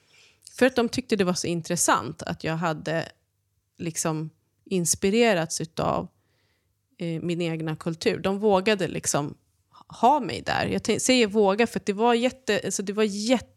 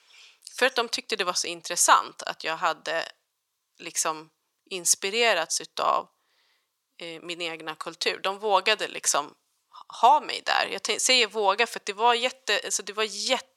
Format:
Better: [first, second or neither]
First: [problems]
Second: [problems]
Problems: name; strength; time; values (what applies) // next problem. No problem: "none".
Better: first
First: none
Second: thin; very; fading below 650 Hz